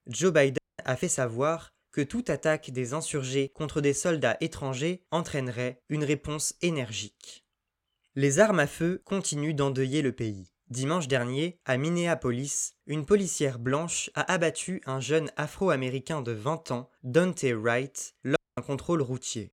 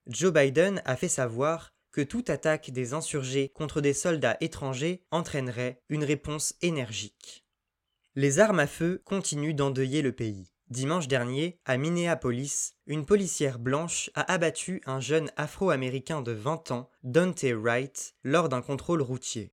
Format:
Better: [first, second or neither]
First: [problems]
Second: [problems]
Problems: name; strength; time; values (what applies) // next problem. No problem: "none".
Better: second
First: audio cutting out; at 0.5 s and at 18 s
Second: none